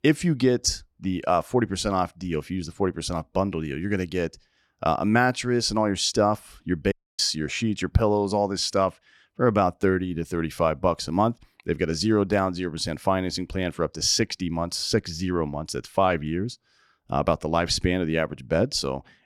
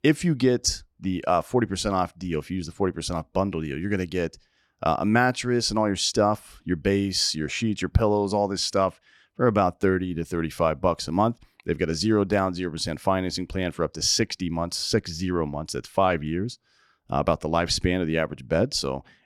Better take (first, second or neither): second